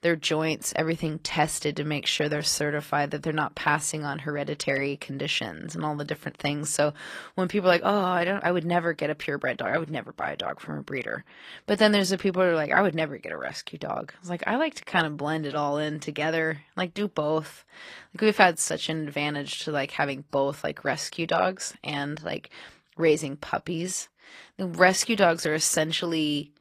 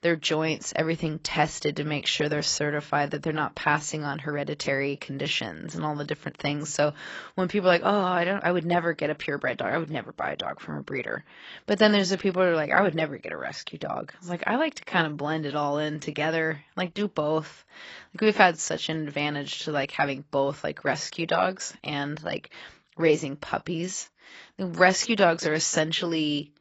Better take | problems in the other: first | garbled, watery; badly; nothing above 7.5 kHz; slightly in the first

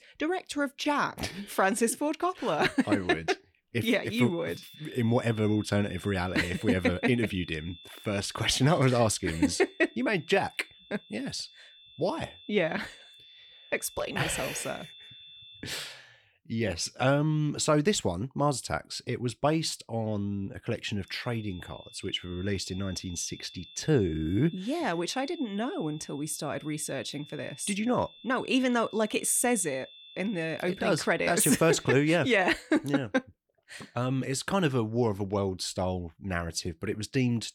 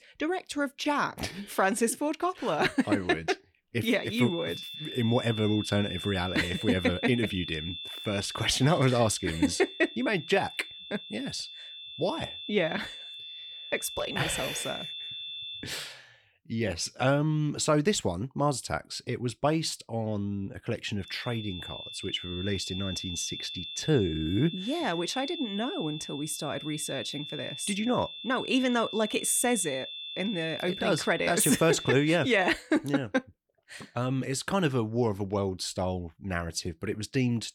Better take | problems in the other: first | high-pitched whine; loud; from 4 to 16 s and from 21 to 33 s; 3.5 kHz, 9 dB below the speech; faint in the first

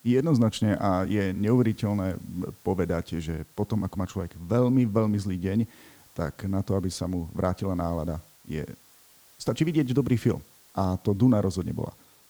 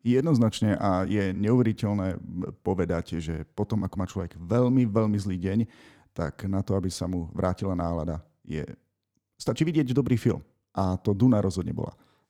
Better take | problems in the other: second | hiss; faint; throughout; 25 dB below the speech

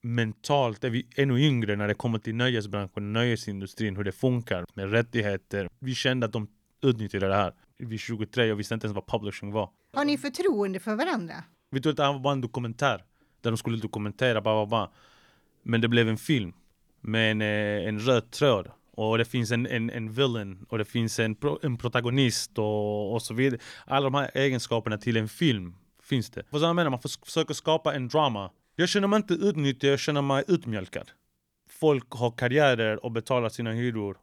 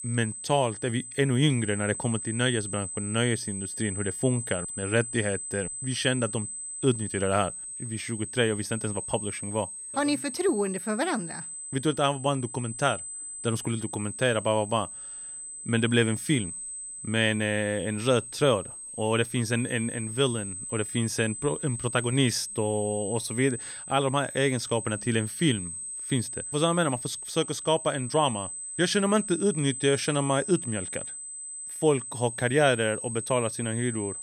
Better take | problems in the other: first | high-pitched whine; loud; throughout; 8 kHz, 7 dB below the speech

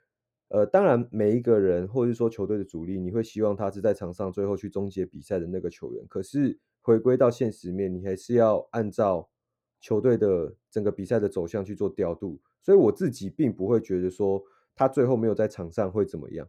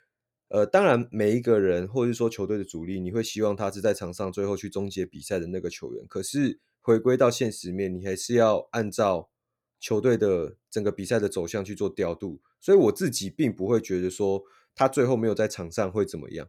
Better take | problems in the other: second | muffled; slightly; fading above 1.5 kHz

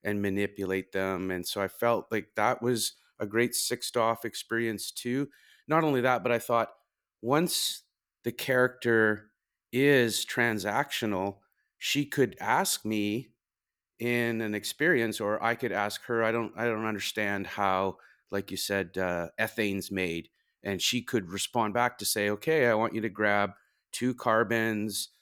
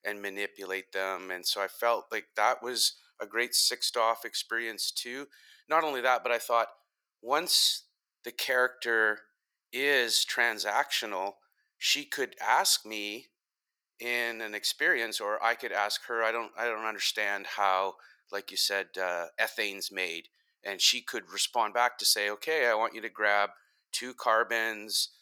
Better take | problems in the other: first | thin; very; fading below 700 Hz

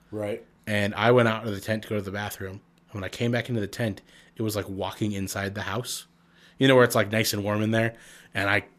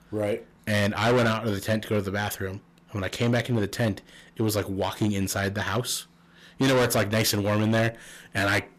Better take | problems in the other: first | distortion; heavy; 9% of the sound clipped

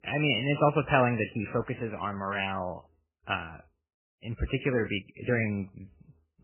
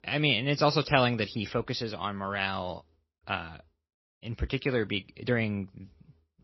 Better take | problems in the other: second | garbled, watery; badly; nothing above 3 kHz; slightly in the second

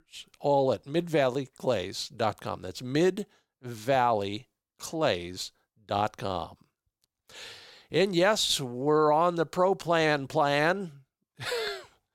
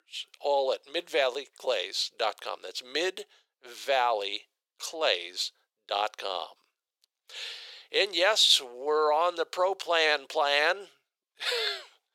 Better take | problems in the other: first | thin; very; fading below 450 Hz

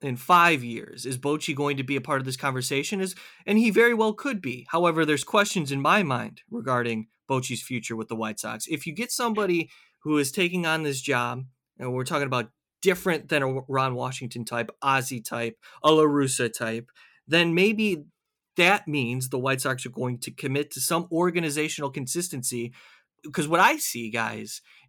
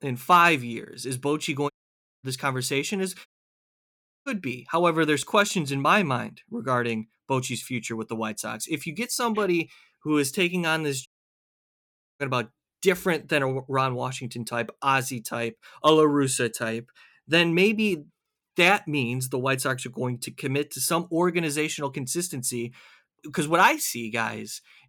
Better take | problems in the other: first | audio cutting out; at 1.5 s for 0.5 s, at 3.5 s for 1 s and at 11 s for 1 s

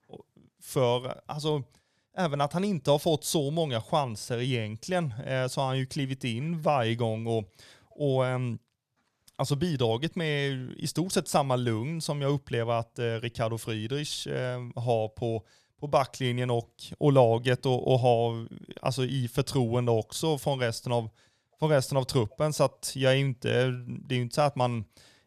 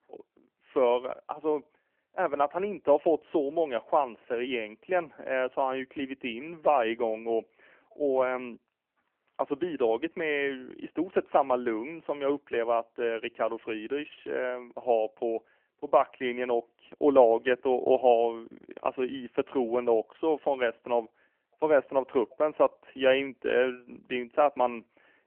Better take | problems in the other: first | phone-call audio; nothing above 3 kHz

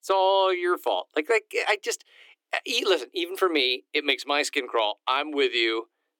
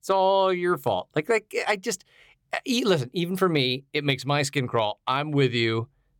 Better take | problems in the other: second | thin; somewhat; fading below 300 Hz

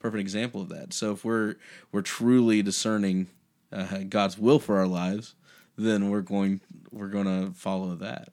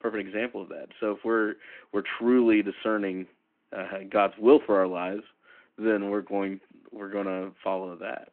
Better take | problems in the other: first | phone-call audio

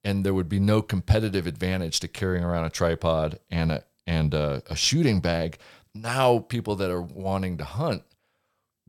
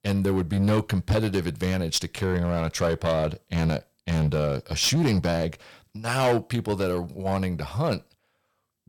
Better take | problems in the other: first | distortion; slight; 6% of the sound clipped

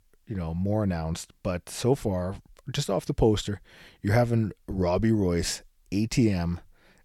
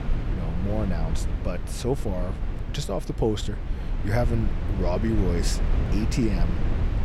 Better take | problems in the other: first | low rumble; loud; throughout; 7 dB below the speech

